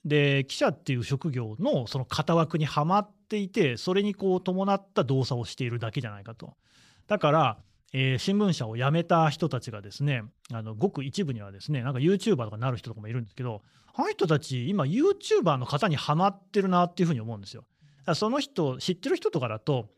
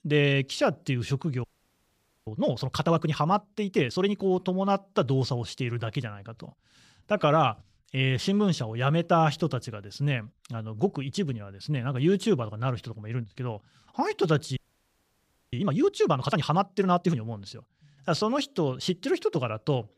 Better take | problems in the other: first | audio freezing; at 1.5 s for 1 s and at 15 s for 1 s

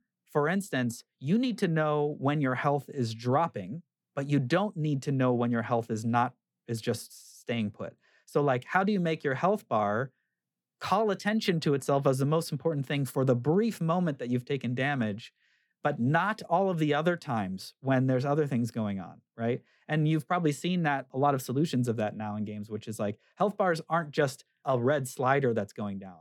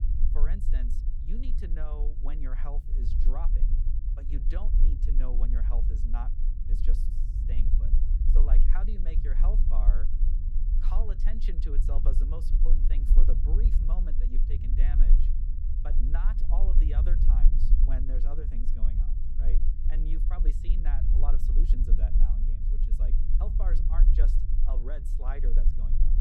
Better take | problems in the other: first | low rumble; loud; throughout; 4 dB below the speech

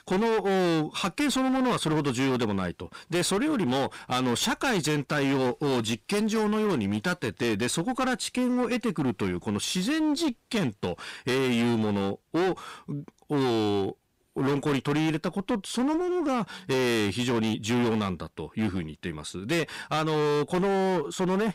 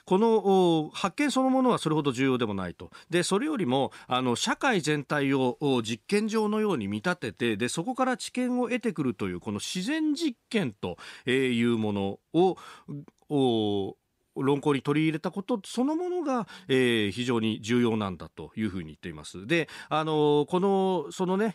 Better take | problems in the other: second | distortion; heavy; 26% of the sound clipped

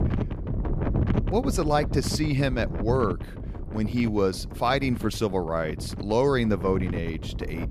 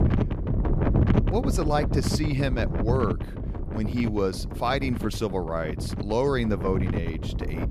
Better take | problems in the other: first | wind noise on the microphone; heavy; 7 dB below the speech; occasional gusts in the first

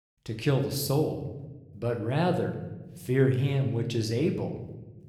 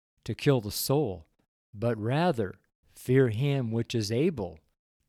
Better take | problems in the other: second | room echo; slight; dies away in 0.9 s

